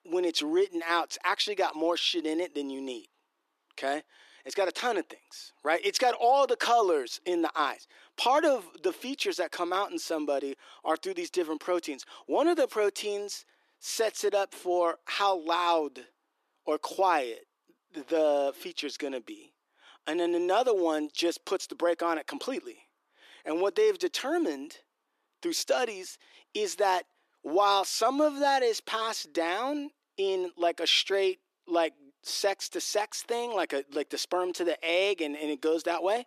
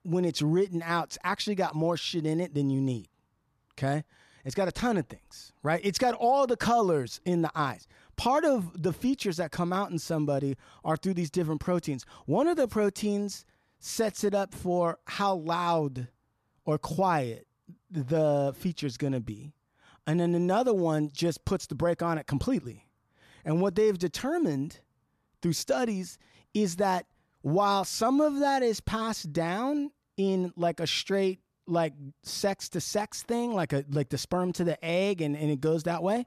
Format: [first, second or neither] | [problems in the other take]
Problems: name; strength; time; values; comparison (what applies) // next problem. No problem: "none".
second | thin; somewhat; fading below 300 Hz